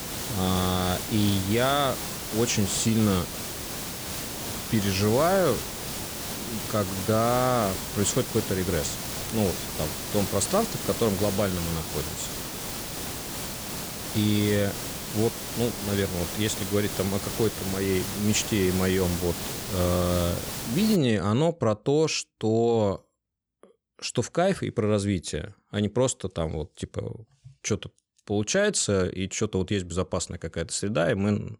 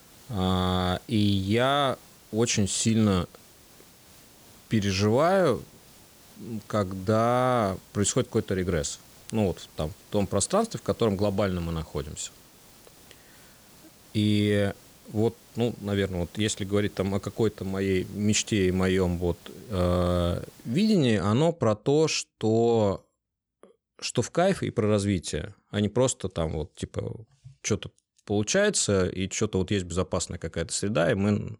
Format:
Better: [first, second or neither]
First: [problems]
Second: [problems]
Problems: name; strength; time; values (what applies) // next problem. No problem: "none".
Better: second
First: hiss; loud; until 21 s; 5 dB below the speech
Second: hiss; faint; until 21 s; 25 dB below the speech